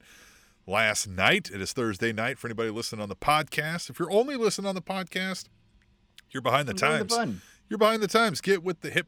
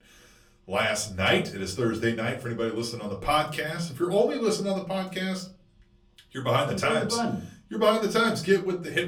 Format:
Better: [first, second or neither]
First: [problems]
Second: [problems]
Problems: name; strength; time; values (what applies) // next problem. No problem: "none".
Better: first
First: none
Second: off-mic speech; far // room echo; very slight; dies away in 0.4 s